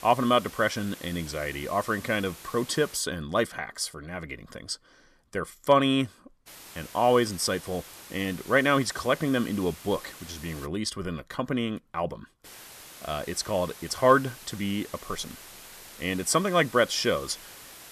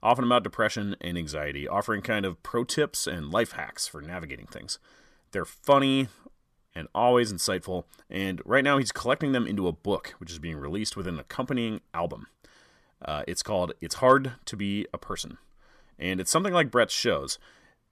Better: second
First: hiss; noticeable; until 3 s, from 6.5 to 11 s and from 12 s on; 15 dB below the speech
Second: none

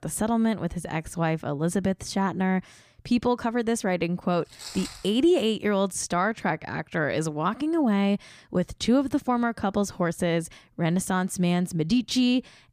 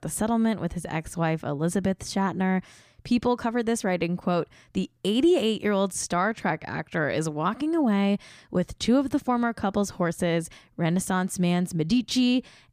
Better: second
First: footsteps; faint; at 4.5 s; peak 10 dB below the speech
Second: none

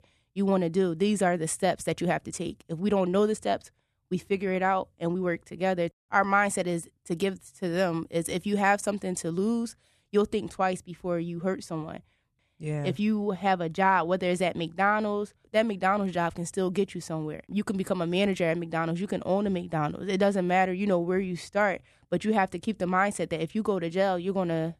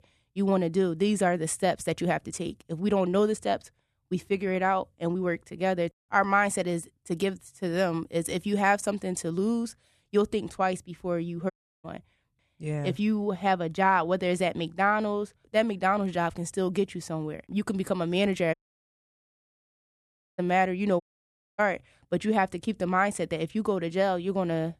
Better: first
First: none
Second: audio cutting out; at 12 s, at 19 s for 2 s and at 21 s for 0.5 s

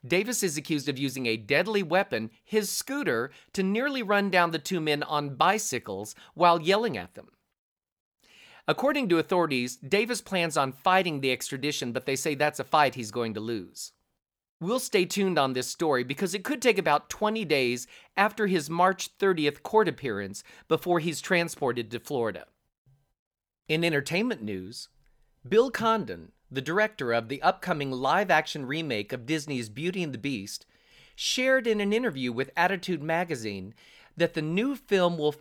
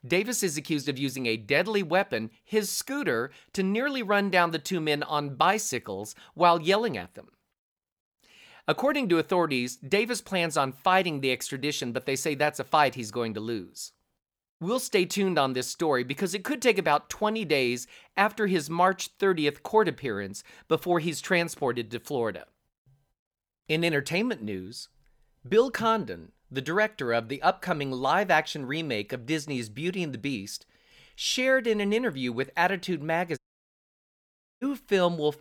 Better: first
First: none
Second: audio cutting out; at 33 s for 1 s

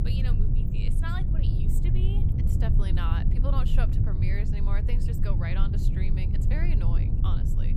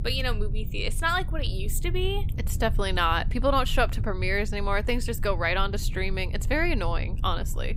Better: second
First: low rumble; loud; throughout; 1 dB below the speech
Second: low rumble; faint; throughout; 20 dB below the speech

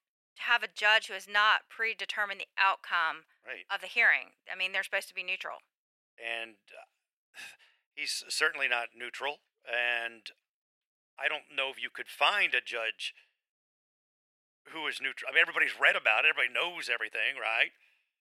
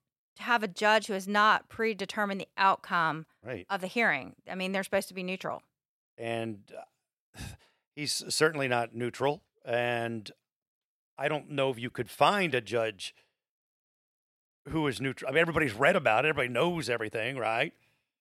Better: second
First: thin; very; fading below 650 Hz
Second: none

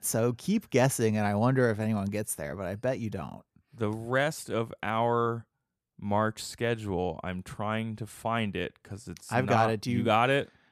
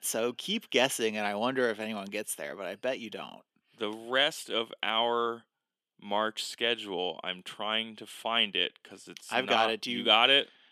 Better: first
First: none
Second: thin; somewhat; fading below 250 Hz

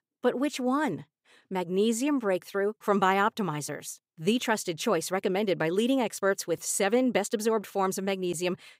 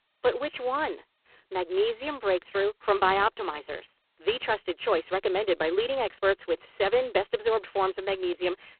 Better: first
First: none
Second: phone-call audio; poor line; nothing above 4 kHz

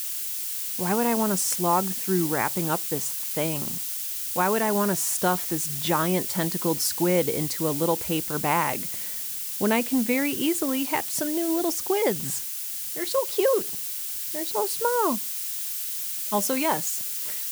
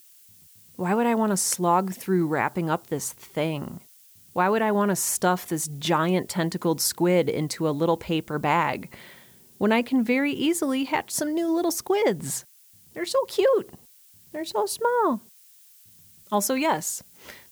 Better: second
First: hiss; loud; throughout; 2 dB below the speech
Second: hiss; faint; throughout; 25 dB below the speech

